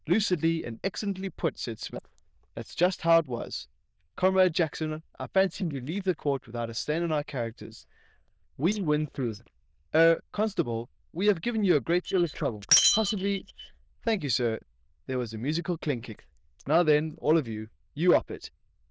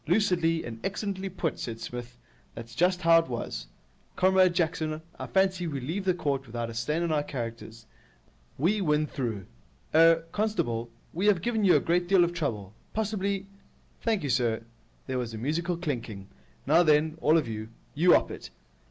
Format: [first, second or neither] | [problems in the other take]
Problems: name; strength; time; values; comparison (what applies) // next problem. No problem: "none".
second | noise reduction (neural diffusion model UNIVERSE++)